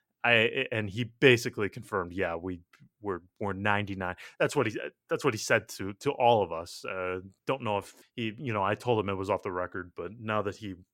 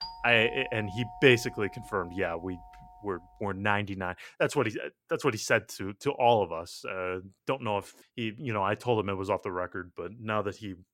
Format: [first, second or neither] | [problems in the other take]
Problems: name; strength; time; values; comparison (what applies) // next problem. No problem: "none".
first | doorbell; faint; until 3 s; peak 10 dB below the speech